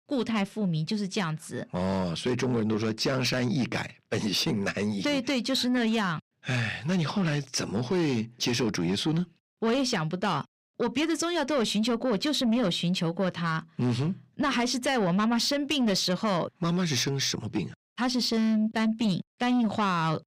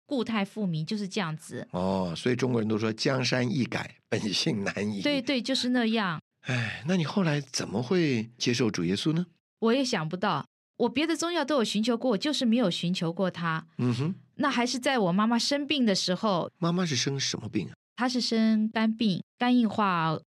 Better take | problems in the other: second | distortion; slight; 10 dB below the speech

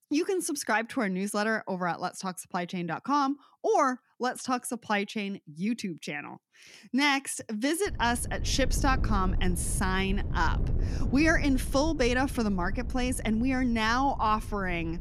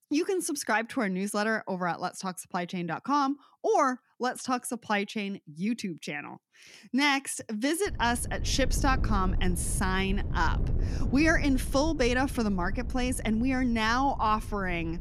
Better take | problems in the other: neither | wind noise on the microphone; occasional gusts; from 8 s on; 20 dB below the speech; the same in both

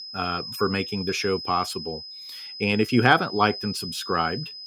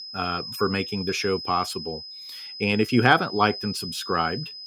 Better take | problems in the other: neither | high-pitched whine; loud; throughout; 5 kHz, 9 dB below the speech; the same in both

